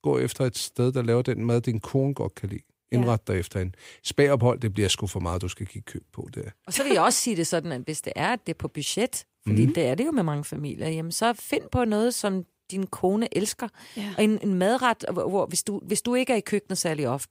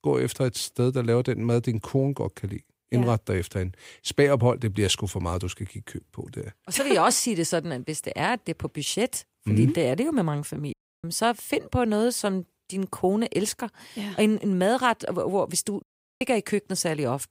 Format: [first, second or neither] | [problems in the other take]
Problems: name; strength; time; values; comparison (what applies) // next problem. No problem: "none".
first | audio cutting out; at 11 s and at 16 s